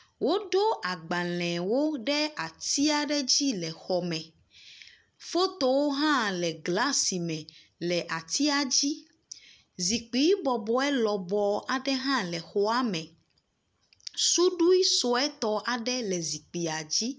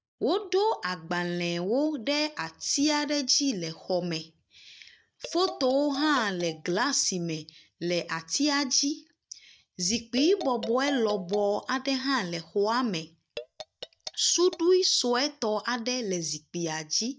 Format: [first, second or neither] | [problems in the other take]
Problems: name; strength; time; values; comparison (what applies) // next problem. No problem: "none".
first | noise reduction (neural mask model DeepFilterNet 3)